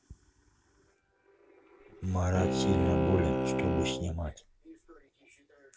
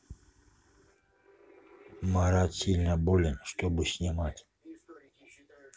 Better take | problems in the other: second | background sound (Bowed string instrument); 3 dB above the speech

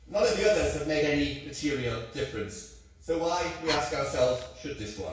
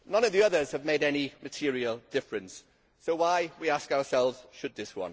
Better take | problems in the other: second | background sound (Fire); 17 dB below the speech // room echo; dies away in 0.6 s

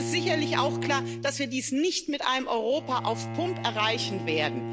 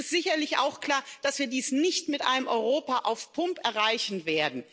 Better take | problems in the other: second | background sound (Bowed string instrument); 6 dB below the speech

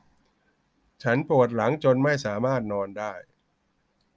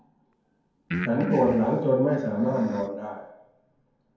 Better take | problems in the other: first | background sound (Breathing); 8 dB below the speech // room echo; dies away in 0.9 s

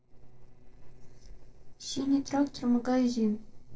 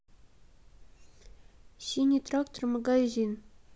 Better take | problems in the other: second | noise reduction (neural separator model SepFormer DNS4)

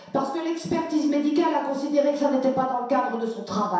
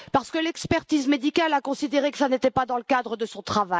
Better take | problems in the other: second | room echo; dies away in 0.7 s

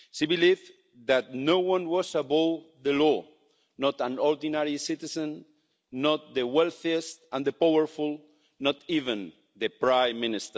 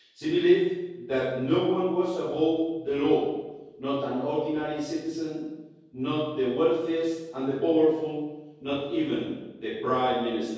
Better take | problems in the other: first | room echo; dies away in 1.3 s

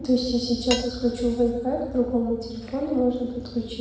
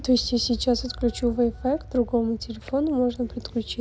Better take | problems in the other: second | background sound (Cutlery, silverware / Dishes, pots, and pans); 15 dB below the speech // room echo; dies away in 1.1 s

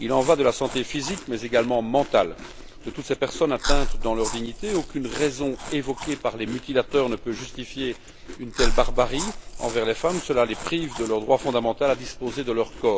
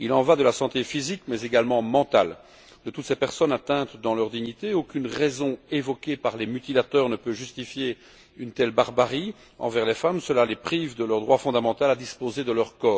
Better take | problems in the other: second | background sound (Chewing, mastication); 5 dB below the speech

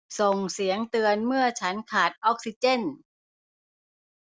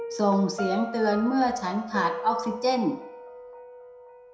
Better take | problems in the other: first | background sound (Piano); 10 dB below the speech // room echo; dies away in 0.6 s

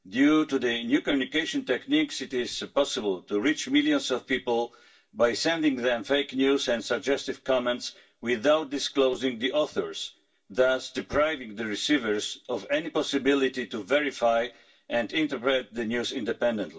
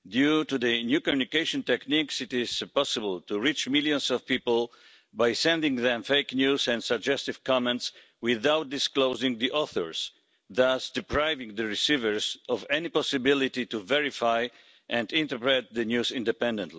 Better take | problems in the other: second | room echo; dies away in 0.2 s

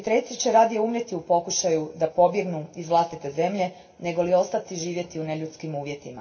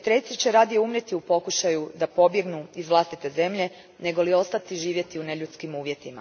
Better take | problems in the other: second | room echo; dies away in 0.2 s

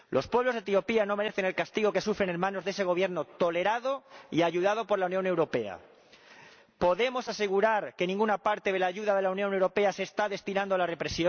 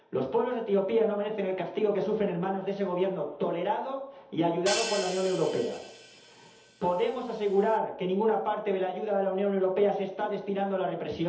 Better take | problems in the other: first | background sound (Hi-hat); 11 dB below the speech // room echo; dies away in 0.8 s

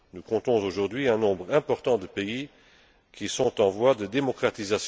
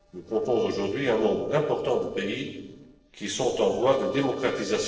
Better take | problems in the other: first | noise reduction (neural separator model SepFormer DNS4)

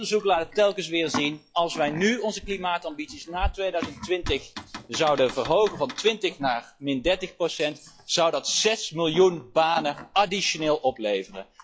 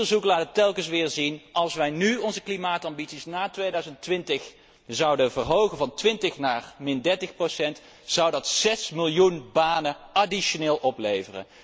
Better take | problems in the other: second | noise reduction (classical method log-MMSE)

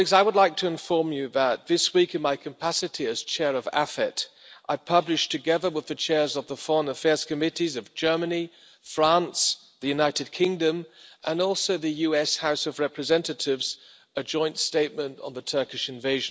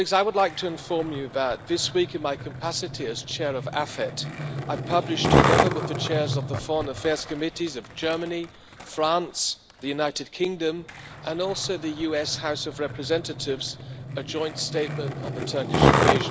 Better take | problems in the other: first | background sound (Skateboard); as loud as the speech

